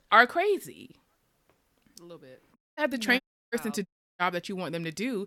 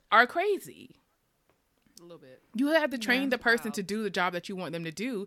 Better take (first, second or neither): second